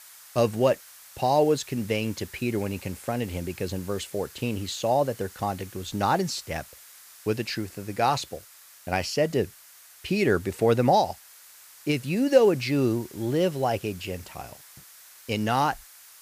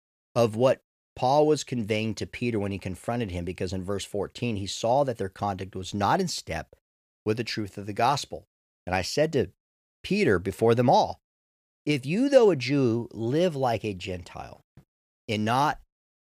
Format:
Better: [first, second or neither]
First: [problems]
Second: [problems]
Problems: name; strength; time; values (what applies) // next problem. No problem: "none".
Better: second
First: hiss; noticeable; throughout; 20 dB below the speech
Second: none